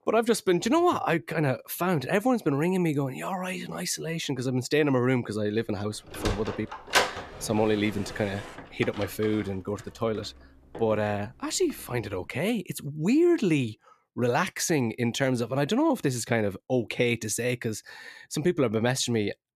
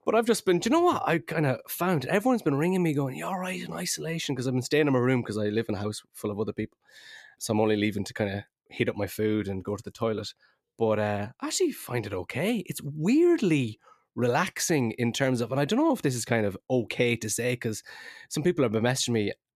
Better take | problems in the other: second | door banging; loud; from 6 to 11 s; peak 3 dB above the speech

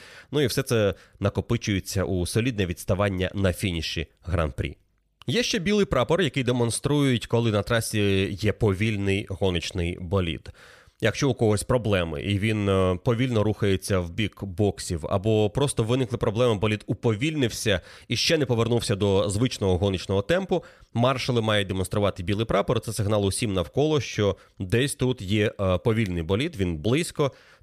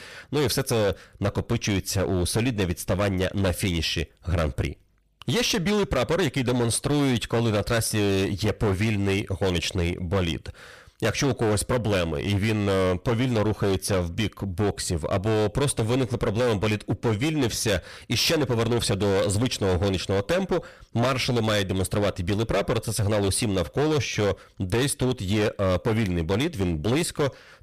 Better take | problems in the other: first | distortion; heavy; 19% of the sound clipped

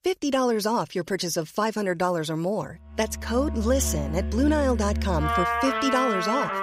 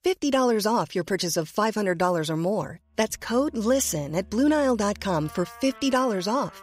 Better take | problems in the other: second | background music; loud; from 3.5 s on; 2 dB below the speech; faint in the second

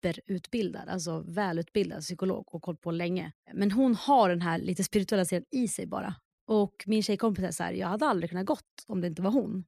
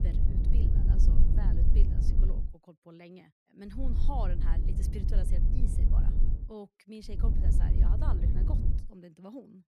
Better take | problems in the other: first | wind noise on the microphone; heavy; until 2.5 s, from 4 to 6.5 s and from 7 to 9 s; as loud as the speech

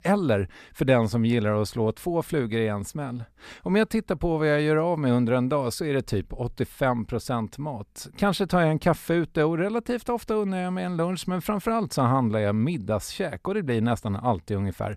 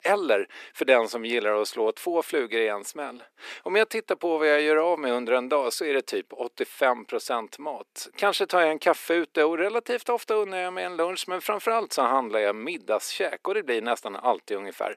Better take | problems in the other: first | thin; very; fading below 350 Hz

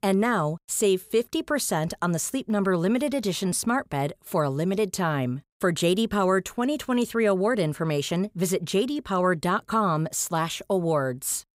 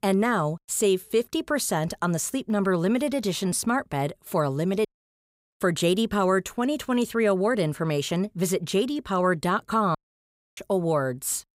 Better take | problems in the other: first | audio cutting out; at 5 s for 0.5 s and at 10 s for 0.5 s

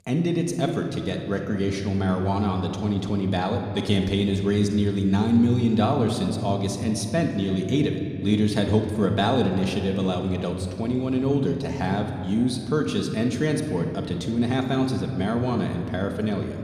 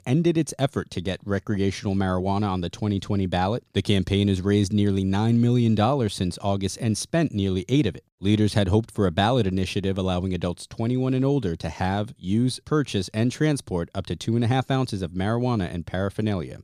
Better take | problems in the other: second | room echo; slight; dies away in 2.4 s

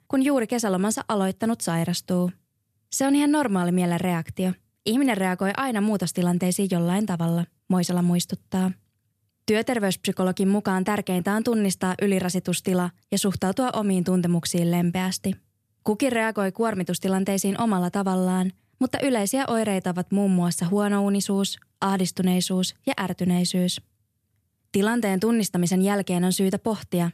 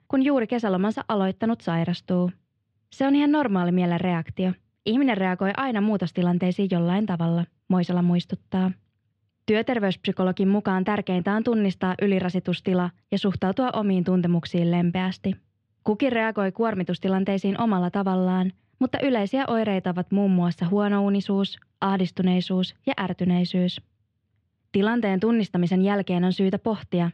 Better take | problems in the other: first | muffled; slightly; fading above 3.5 kHz

